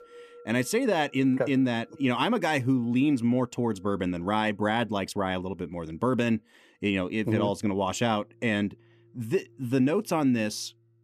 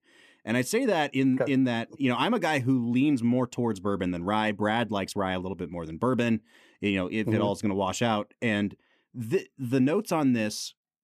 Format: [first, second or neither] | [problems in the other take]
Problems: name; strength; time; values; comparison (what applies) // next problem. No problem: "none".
second | background music; faint; throughout; 30 dB below the speech